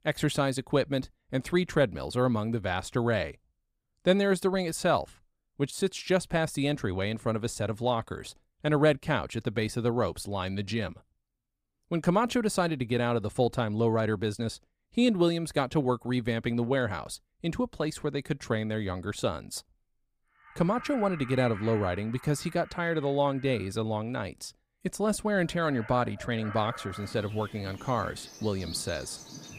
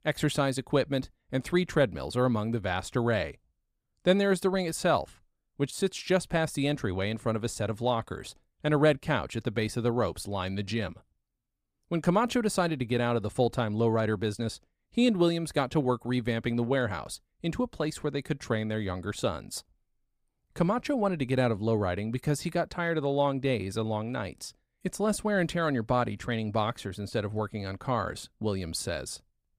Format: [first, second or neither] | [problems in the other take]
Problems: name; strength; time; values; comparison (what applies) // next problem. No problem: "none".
second | animal sounds; noticeable; from 21 s on; 15 dB below the speech